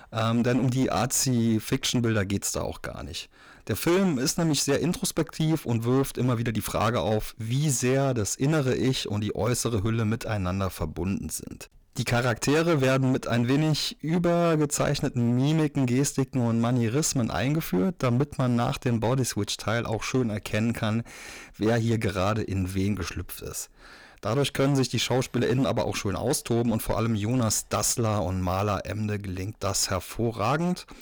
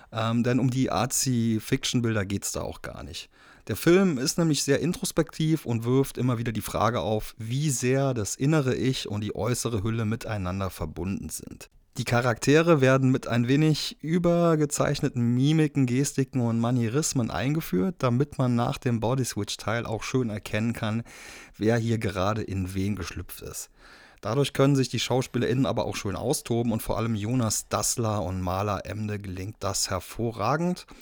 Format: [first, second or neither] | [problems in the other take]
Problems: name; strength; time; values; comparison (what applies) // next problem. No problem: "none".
second | distortion; slight; 11% of the sound clipped